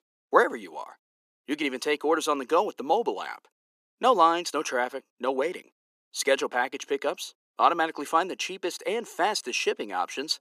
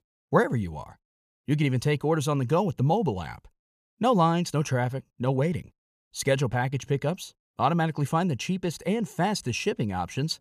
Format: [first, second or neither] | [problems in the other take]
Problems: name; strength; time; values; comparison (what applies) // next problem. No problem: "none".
second | thin; very; fading below 300 Hz